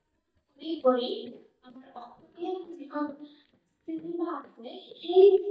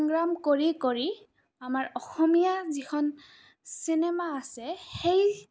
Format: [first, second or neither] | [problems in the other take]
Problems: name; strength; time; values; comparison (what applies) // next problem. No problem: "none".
second | noise reduction (neural mask model DeepFilterNet 3)